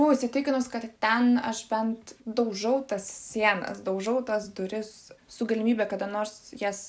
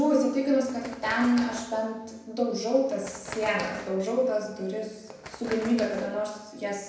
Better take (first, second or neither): first